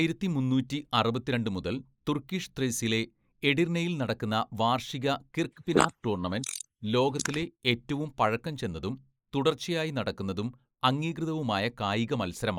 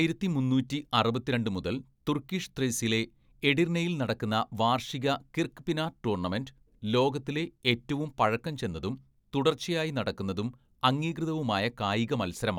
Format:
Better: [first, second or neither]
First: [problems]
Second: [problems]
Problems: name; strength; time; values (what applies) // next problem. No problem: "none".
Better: second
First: noise reduction (neural mask model Resemble Enhance denoiser)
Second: none